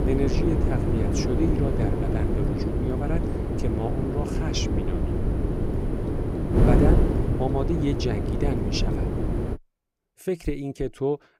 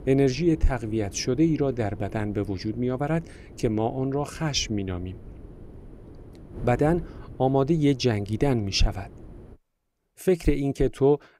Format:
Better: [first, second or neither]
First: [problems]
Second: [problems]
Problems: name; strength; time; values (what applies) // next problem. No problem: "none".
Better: second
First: wind noise on the microphone; heavy; until 9.5 s; 1 dB above the speech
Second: wind noise on the microphone; occasional gusts; until 9.5 s; 20 dB below the speech